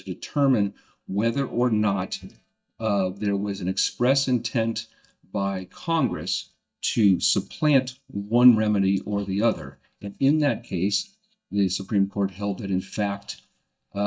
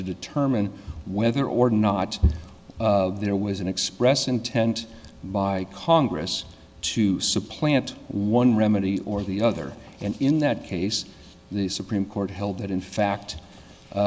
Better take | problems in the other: second | noise reduction (neural mask model DeepFilterNet 3)

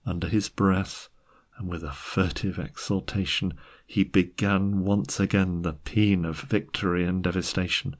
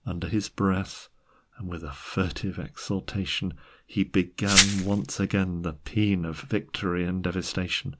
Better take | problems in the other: first | background sound (Glass); 4 dB above the speech

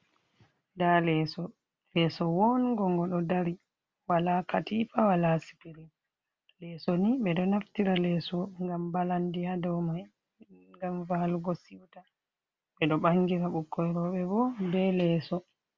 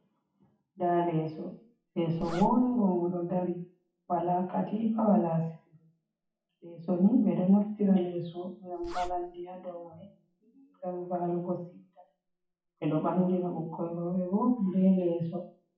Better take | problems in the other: first | noise reduction (classical method WPE with log-MMSE)

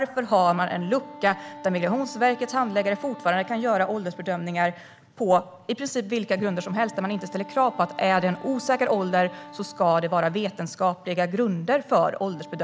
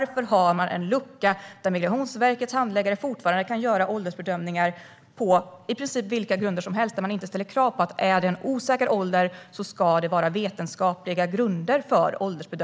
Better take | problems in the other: second | background sound (Wind instrument, woodwind instrument); 19 dB below the speech

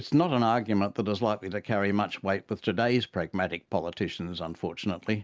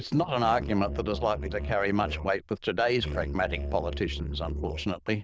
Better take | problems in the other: first | noise reduction (neural diffusion model UNIVERSE++)

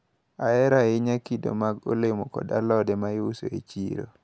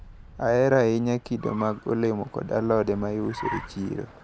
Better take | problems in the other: first | background sound (Car); 15 dB below the speech

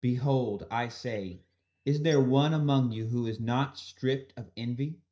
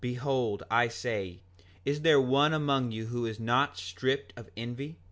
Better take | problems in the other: second | noise reduction (neural mask model DeepFilterNet 3)

